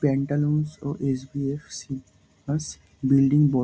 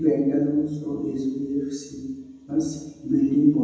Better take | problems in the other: first | room echo; dies away in 1.1 s

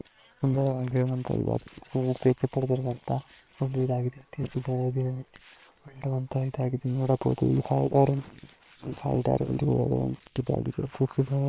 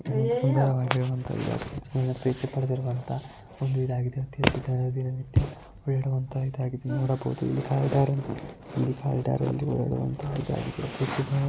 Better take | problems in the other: second | noise reduction (neural separator model SepFormer WHAM!)

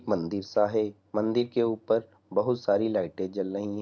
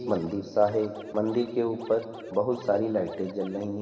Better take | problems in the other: first | background sound (Scratching (performance technique)); 18 dB below the speech // room echo; dies away in 2.5 s

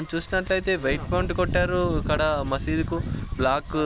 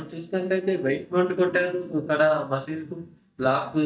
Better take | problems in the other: first | noise reduction (neural mask model DeepFilterNet 3)

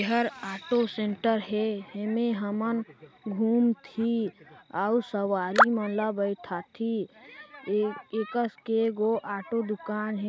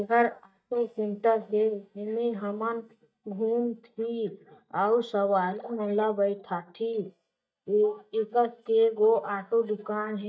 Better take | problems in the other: first | noise reduction (neural mask model DeepFilterNet 3)

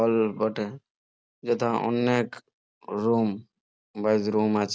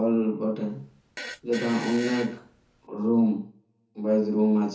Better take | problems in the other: first | background sound (Fart); 14 dB below the speech // room echo; dies away in 0.9 s

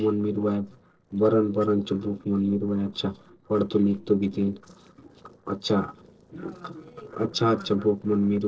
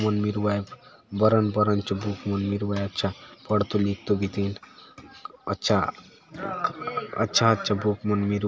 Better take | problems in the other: second | noise reduction (neural separator model SepFormer DNS4)

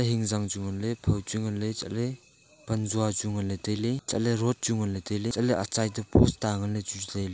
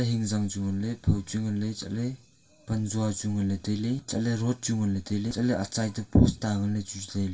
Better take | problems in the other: first | room echo; dies away in 0.2 s

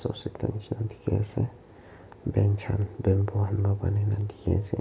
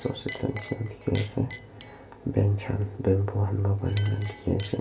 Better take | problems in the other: first | background sound (Chink, clink); 19 dB below the speech // room echo; dies away in 0.7 s

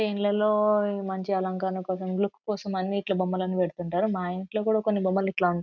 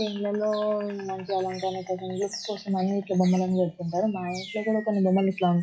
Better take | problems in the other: first | noise reduction (classical method WPE with log-MMSE)

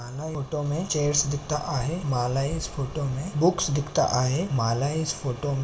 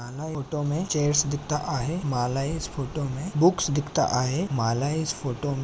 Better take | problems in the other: second | room echo; dies away in 0.6 s

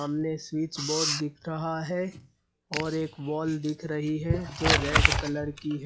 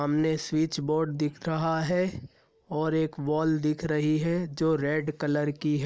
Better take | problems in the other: second | noise reduction (classical method log-MMSE)

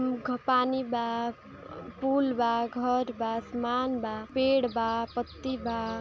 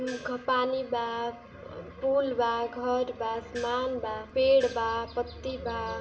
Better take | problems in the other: first | background sound (Gong); 16 dB below the speech // room echo; dies away in 1.4 s

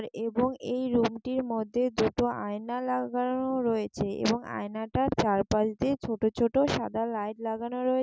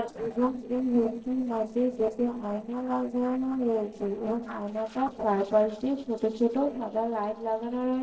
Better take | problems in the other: first | noise reduction (neural separator model SepFormer DNS4)

